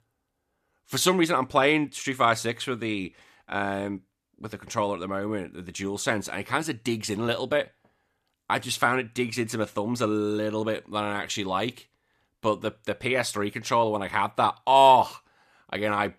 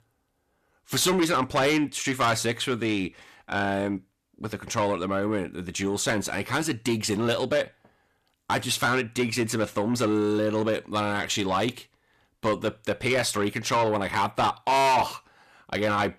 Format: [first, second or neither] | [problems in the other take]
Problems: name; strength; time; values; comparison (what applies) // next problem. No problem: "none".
first | distortion; heavy; 6 dB below the speech